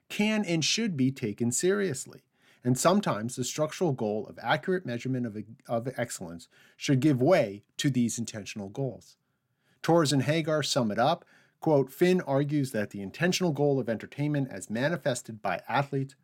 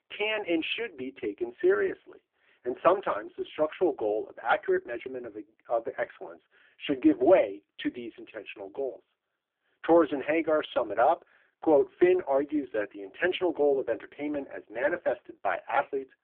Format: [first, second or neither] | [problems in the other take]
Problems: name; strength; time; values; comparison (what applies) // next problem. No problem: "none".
first | phone-call audio; poor line